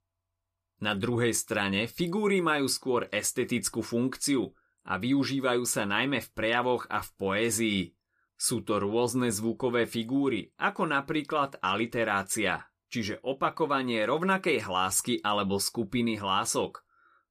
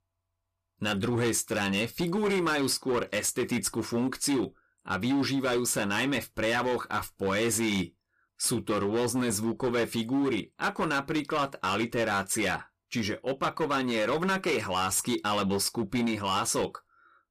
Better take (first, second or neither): first